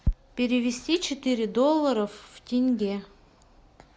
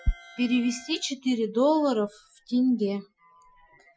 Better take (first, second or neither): first